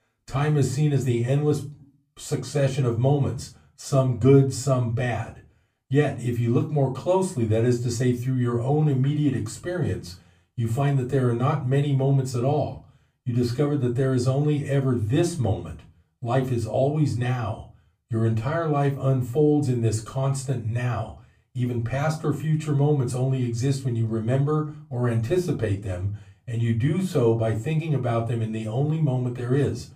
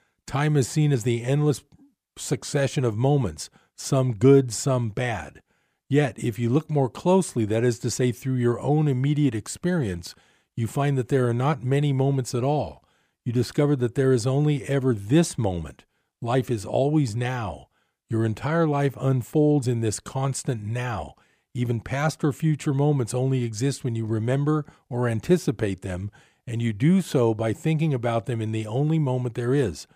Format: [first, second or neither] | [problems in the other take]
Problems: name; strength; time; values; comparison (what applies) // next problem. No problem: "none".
second | off-mic speech; far // room echo; very slight; dies away in 0.3 s